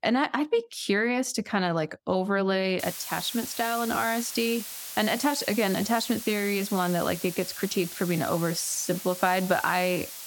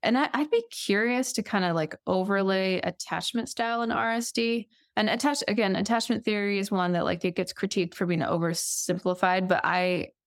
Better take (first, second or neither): second